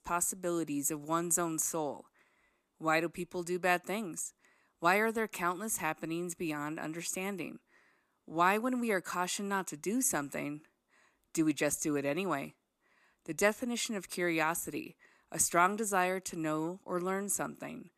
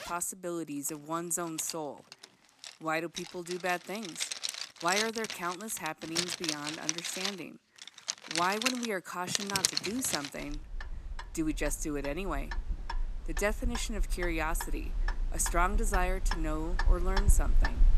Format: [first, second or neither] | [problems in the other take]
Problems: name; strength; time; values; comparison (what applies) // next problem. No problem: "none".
first | household noises; loud; throughout; 1 dB below the speech